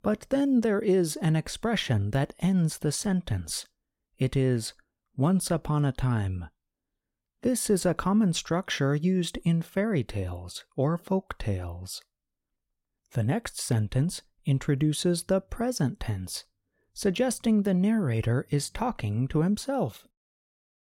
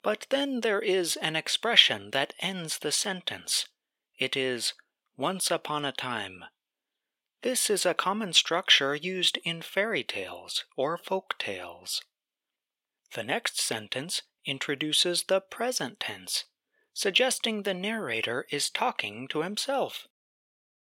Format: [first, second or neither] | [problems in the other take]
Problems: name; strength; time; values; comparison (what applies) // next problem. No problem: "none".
first | thin; very; fading below 500 Hz